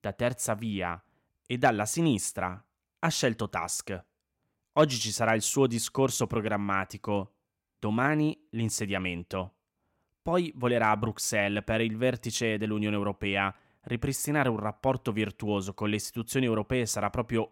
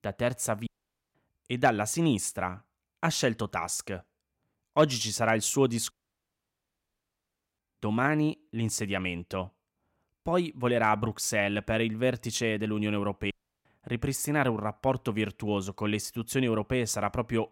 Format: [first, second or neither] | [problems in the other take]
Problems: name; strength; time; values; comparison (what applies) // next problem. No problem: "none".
first | audio cutting out; at 0.5 s, at 6 s for 1.5 s and at 13 s